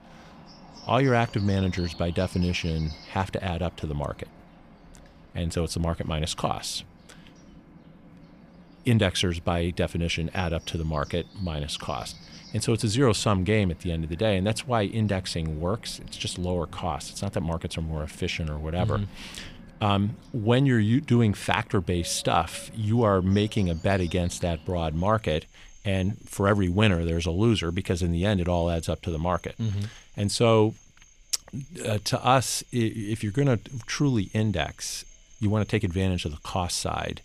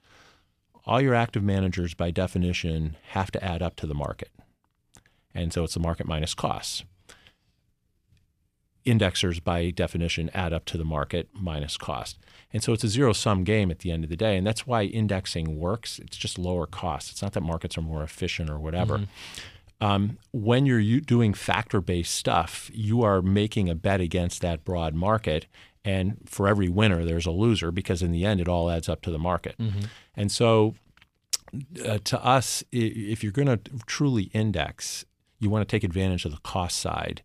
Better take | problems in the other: second | animal sounds; faint; throughout; 25 dB below the speech

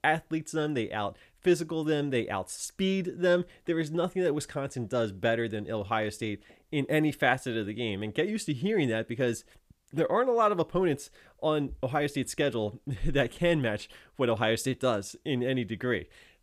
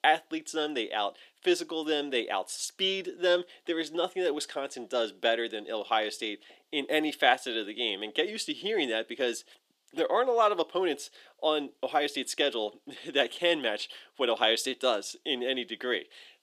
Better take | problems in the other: first | thin; somewhat; fading below 300 Hz

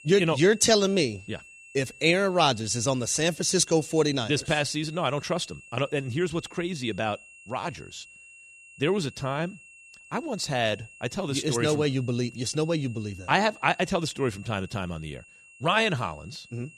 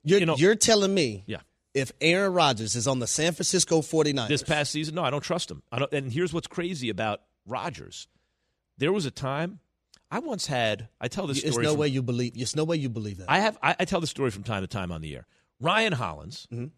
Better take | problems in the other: second | high-pitched whine; faint; throughout; 2.5 kHz, 20 dB below the speech

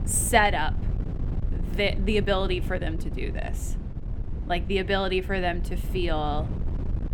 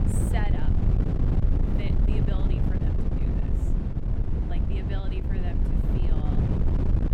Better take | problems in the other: first | wind noise on the microphone; heavy; 4 dB above the speech; occasional gusts in the first

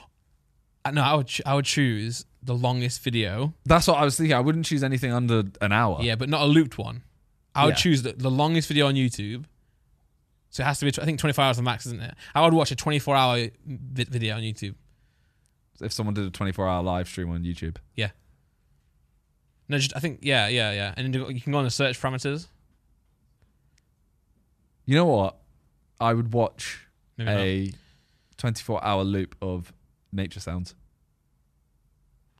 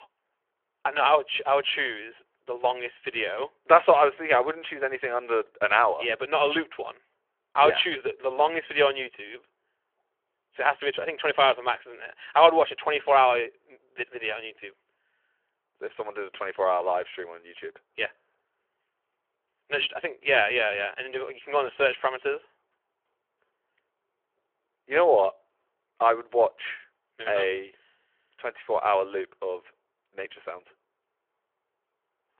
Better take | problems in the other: first | phone-call audio; nothing above 3.5 kHz

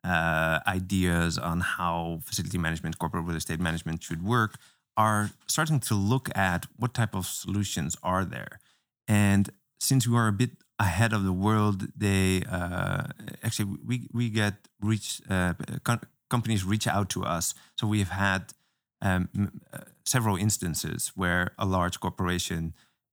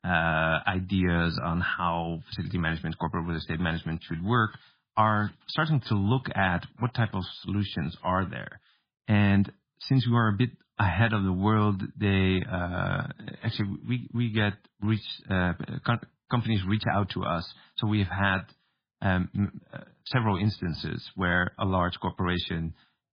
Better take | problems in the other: first | garbled, watery; badly; nothing above 5 kHz

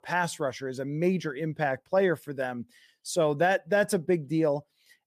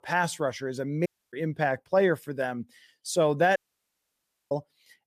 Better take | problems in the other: first | audio cutting out; at 1 s and at 3.5 s for 1 s

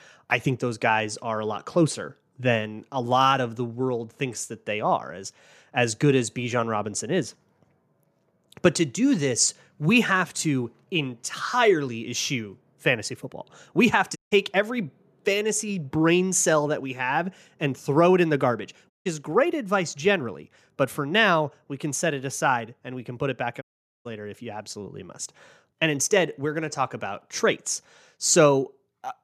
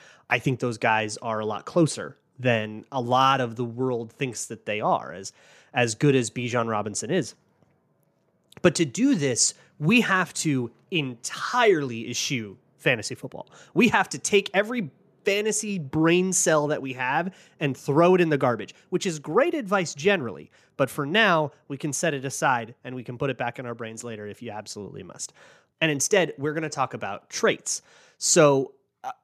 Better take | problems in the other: second | audio cutting out; at 14 s, at 19 s and at 24 s

